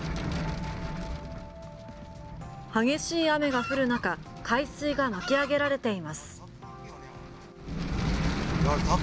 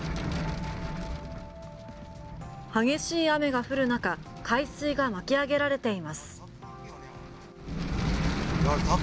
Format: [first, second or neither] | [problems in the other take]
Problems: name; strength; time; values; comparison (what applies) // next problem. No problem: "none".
second | background sound (Chicken, rooster); 11 dB below the speech